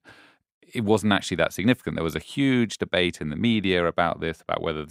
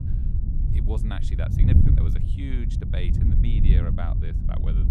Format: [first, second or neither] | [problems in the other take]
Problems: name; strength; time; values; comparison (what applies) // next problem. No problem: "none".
first | wind noise on the microphone; heavy; 2 dB above the speech